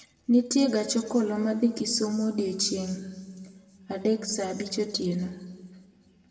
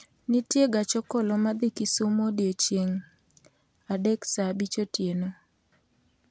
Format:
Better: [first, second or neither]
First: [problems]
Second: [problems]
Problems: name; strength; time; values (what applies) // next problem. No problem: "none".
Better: second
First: room echo; dies away in 1.4 s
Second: none